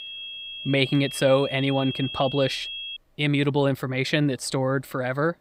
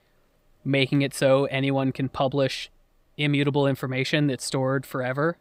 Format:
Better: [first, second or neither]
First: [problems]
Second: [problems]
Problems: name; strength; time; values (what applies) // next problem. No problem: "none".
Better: second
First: high-pitched whine; loud; until 3 s; 3.5 kHz, 9 dB below the speech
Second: none